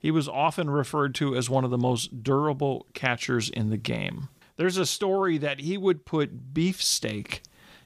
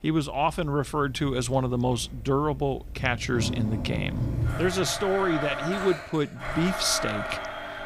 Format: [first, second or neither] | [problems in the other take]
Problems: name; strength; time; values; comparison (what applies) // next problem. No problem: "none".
first | household noises; loud; throughout; 6 dB below the speech